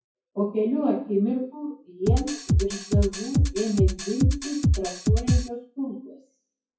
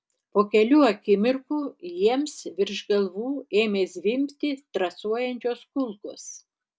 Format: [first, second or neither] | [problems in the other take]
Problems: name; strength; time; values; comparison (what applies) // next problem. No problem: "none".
second | noise reduction (classical method WPE with log-MMSE)